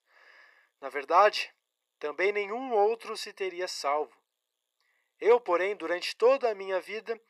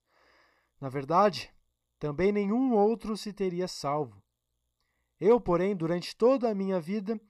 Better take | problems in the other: second | thin; very; fading below 400 Hz

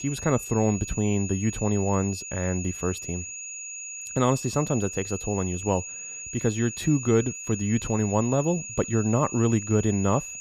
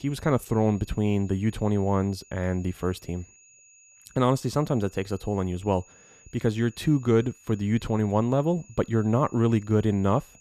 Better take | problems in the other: second | high-pitched whine; loud; throughout; 7 kHz, 8 dB below the speech; faint in the second

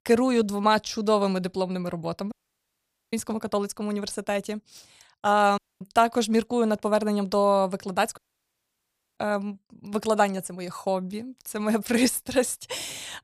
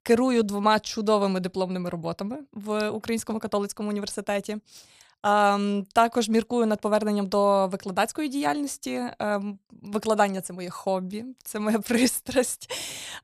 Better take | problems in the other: second | audio cutting out; at 2.5 s for 1 s, at 5.5 s and at 8 s for 1 s

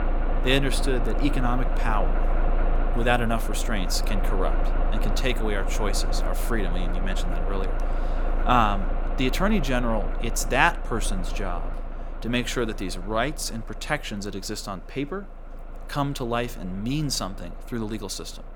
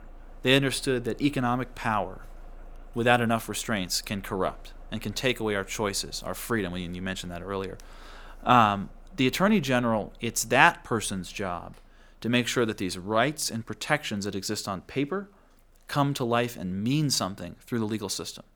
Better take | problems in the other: second | traffic noise; loud; throughout; 3 dB below the speech; faint in the second

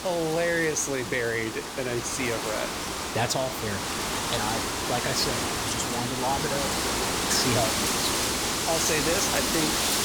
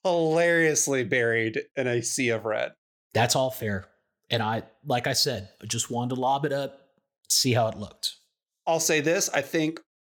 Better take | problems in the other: second | wind noise on the microphone; heavy; 2 dB above the speech

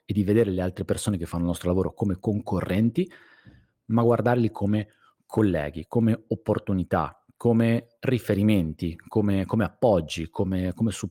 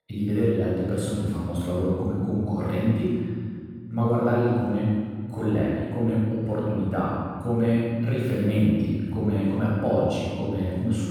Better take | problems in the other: first | off-mic speech; far // room echo; strong; dies away in 1.9 s

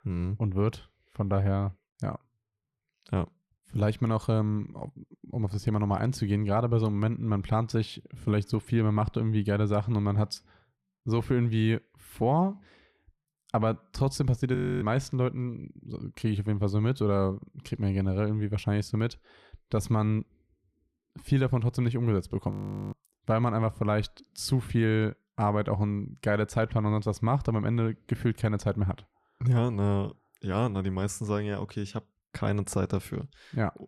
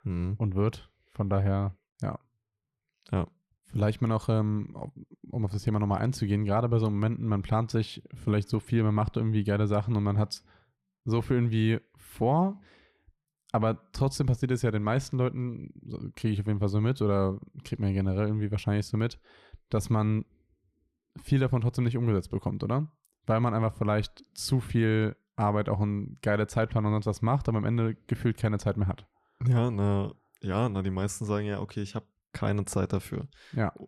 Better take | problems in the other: second | audio freezing; at 15 s and at 23 s

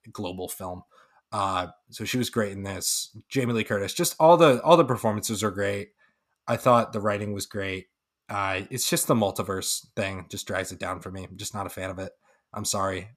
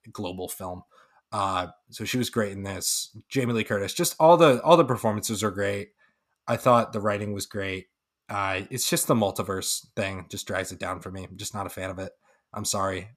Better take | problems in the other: neither | none

